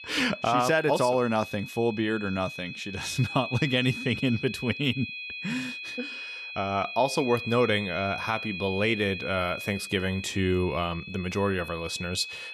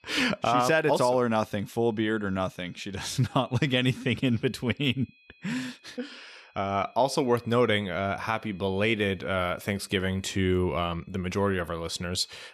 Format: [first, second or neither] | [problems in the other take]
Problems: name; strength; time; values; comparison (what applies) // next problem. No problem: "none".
second | high-pitched whine; loud; throughout; 2.5 kHz, 9 dB below the speech; faint in the second